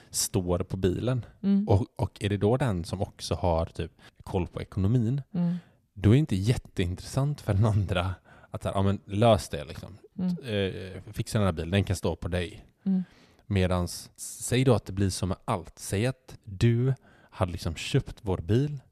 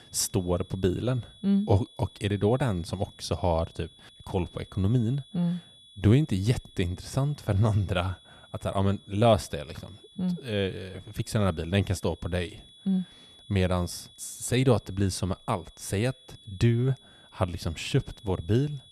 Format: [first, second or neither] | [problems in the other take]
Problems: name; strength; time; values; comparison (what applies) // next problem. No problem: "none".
first | high-pitched whine; faint; throughout; 3.5 kHz, 25 dB below the speech